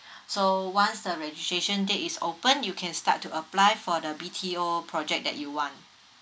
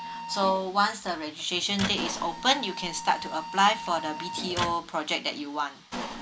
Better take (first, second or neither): first